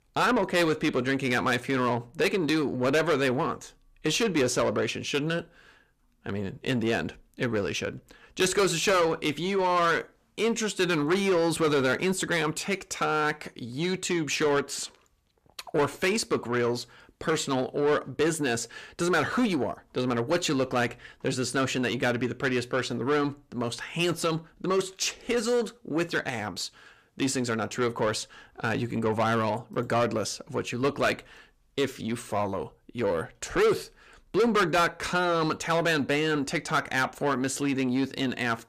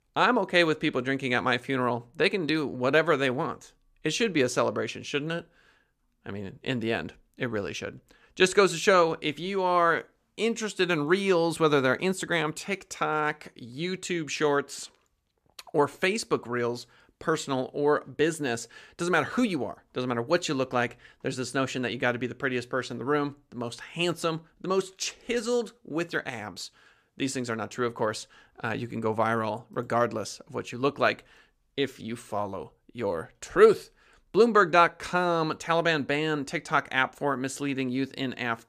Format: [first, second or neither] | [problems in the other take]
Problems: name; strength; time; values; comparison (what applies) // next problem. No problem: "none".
second | distortion; heavy; 7 dB below the speech